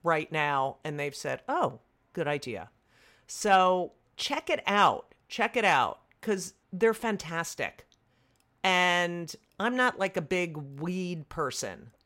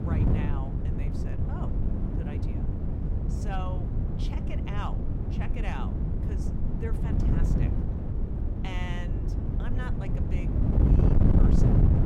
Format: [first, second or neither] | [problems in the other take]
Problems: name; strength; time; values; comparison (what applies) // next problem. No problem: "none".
first | wind noise on the microphone; heavy; 3 dB above the speech